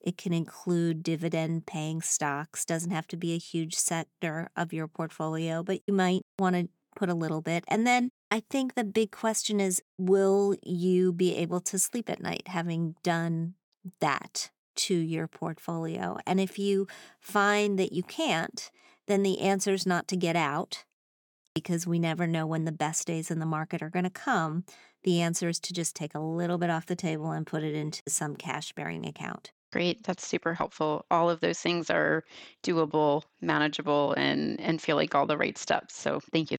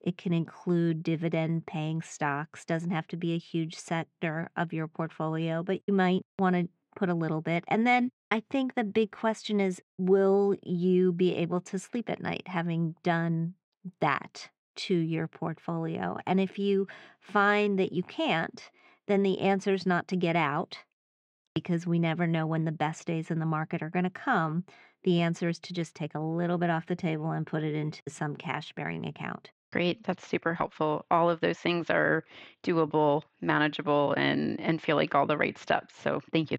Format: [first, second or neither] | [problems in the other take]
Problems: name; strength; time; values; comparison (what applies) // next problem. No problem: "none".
first | muffled; slightly; fading above 2.5 kHz